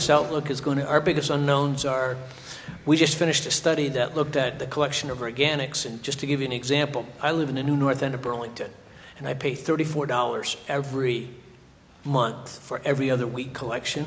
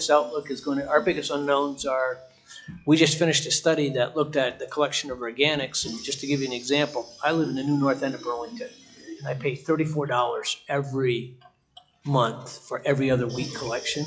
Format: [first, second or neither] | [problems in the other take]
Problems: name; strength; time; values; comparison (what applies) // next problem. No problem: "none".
first | noise reduction (classical method log-MMSE)